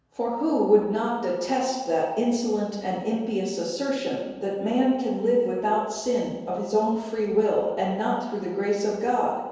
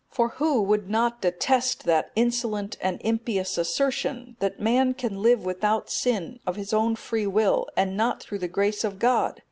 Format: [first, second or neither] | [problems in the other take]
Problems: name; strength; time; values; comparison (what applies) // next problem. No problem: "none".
second | room echo; dies away in 1.2 s